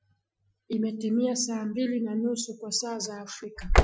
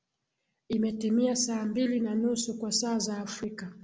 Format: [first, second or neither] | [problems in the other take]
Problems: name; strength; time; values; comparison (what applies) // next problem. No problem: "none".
second | noise reduction (classical method Wiener filter)